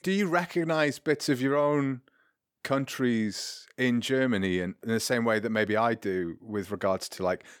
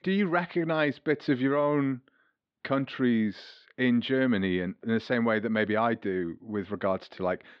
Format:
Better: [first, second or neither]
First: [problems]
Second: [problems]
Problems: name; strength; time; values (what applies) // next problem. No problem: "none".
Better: first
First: none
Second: muffled; slightly; fading above 4 kHz